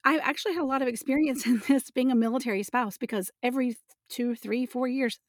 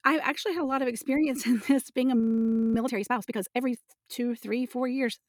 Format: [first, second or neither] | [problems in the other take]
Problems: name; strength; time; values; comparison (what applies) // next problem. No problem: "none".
first | audio freezing; at 2 s for 0.5 s